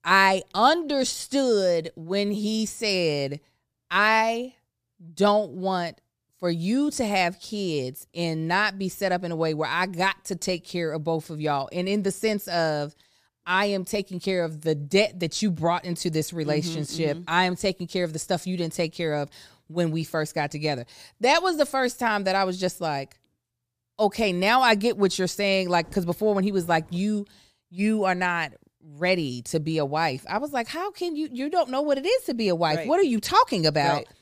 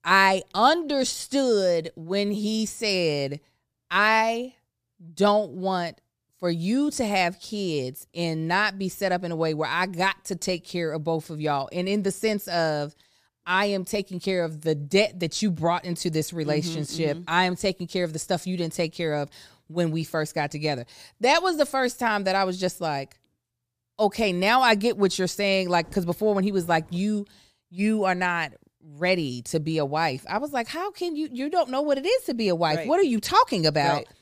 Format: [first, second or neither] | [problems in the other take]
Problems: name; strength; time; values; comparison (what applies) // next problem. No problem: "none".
neither | none